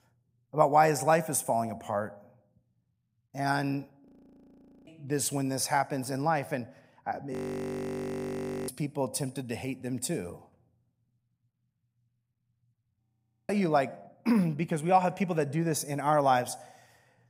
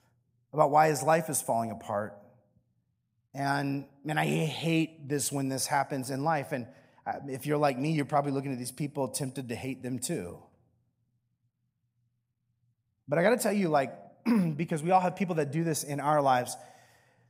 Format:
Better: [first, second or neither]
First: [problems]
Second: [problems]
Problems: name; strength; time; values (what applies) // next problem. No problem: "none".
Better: second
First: audio freezing; at 4 s for 1 s, at 7.5 s for 1.5 s and at 13 s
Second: none